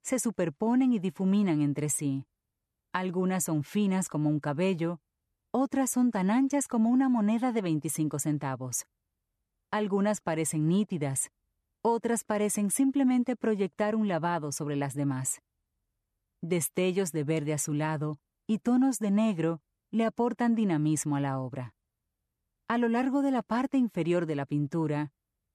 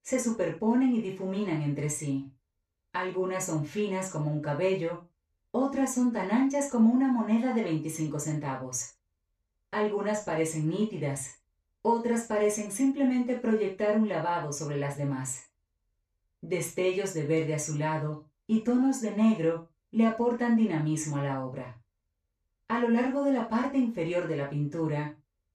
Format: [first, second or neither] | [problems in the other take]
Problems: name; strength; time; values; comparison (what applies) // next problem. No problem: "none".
first | room echo; noticeable; dies away in 0.2 s // off-mic speech; far